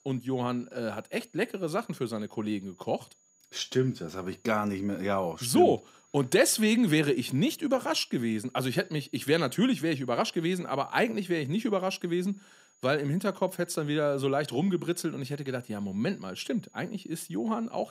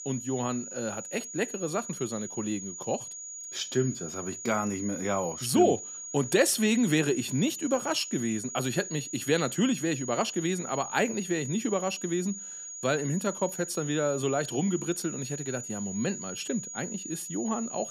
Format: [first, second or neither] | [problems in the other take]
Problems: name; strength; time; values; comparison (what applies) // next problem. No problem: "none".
first | high-pitched whine; loud; throughout; 7 kHz, 8 dB below the speech; faint in the first